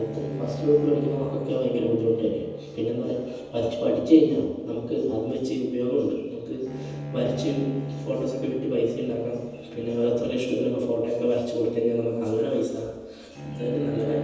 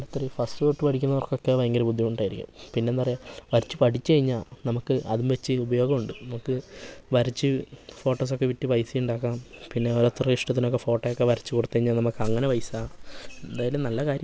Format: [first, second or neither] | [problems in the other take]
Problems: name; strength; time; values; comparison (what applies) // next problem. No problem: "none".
second | background sound (Bowed string instrument); 12 dB below the speech // room echo; dies away in 1.1 s